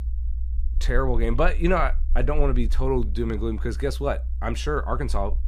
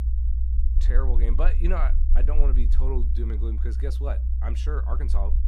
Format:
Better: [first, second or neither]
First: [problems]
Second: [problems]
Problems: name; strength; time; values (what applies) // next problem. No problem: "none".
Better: first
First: low rumble; faint; throughout; 25 dB below the speech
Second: low rumble; loud; throughout; 9 dB below the speech